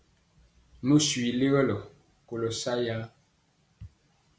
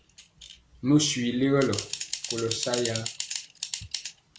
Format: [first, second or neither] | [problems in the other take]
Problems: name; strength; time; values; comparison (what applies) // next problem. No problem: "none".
first | background sound (Typing); 8 dB below the speech